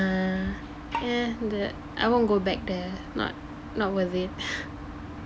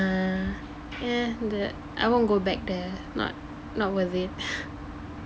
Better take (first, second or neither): second